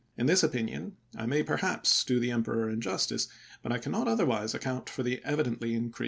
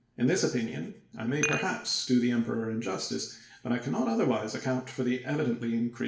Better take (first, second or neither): first